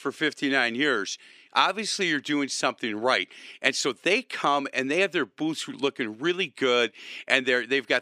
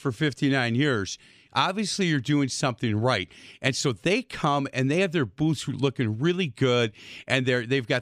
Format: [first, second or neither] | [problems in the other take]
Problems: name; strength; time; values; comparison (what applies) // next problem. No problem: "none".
second | thin; somewhat; fading below 300 Hz